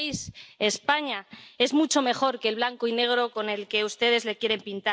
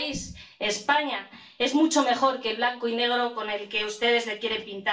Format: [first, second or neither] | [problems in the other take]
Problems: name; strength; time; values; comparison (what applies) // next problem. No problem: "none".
first | room echo; dies away in 0.3 s